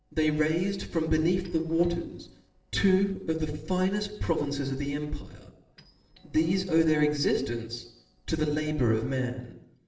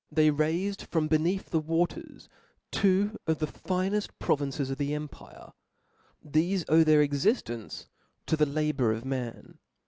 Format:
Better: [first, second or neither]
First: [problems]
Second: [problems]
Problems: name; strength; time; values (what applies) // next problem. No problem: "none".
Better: second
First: noise reduction (neural separator model SepFormer DNS4)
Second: none